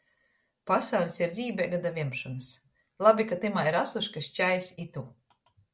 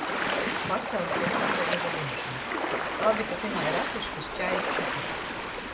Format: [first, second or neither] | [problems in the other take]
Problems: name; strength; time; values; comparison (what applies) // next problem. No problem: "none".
first | background sound (Ocean); 4 dB above the speech